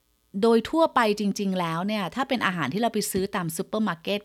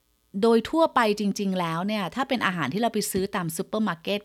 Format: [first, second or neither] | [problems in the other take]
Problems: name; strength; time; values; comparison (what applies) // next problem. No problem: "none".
neither | none